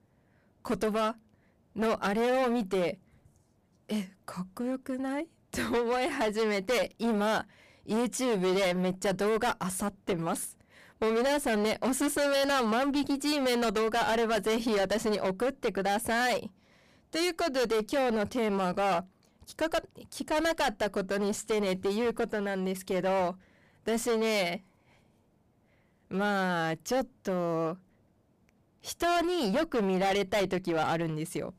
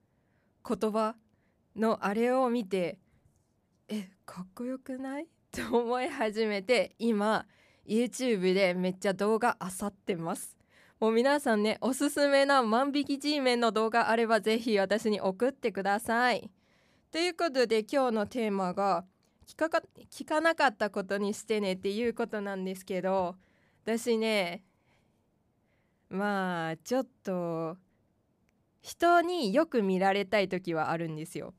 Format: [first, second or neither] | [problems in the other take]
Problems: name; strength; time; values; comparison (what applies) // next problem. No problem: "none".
second | distortion; heavy; 19% of the sound clipped